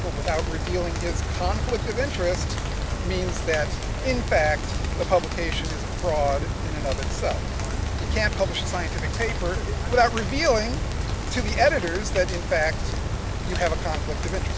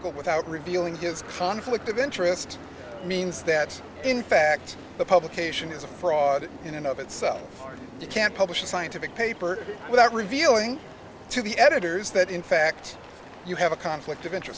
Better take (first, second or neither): second